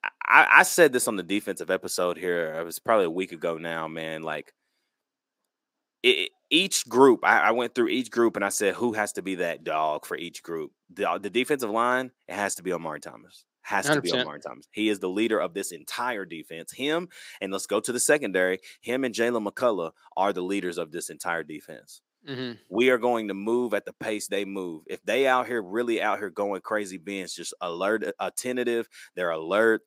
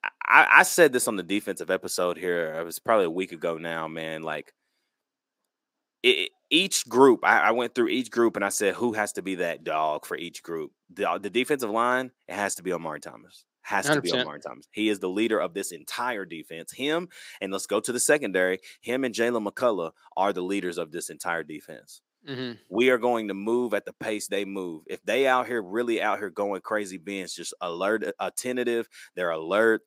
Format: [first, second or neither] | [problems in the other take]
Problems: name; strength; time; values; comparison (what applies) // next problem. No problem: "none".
neither | thin; very slightly; fading below 350 Hz; the same in both